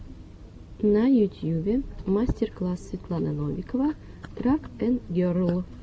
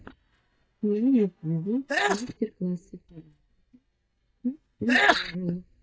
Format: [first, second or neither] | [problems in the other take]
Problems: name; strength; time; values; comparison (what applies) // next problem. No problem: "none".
first | noise reduction (neural mask model DeepFilterNet 3)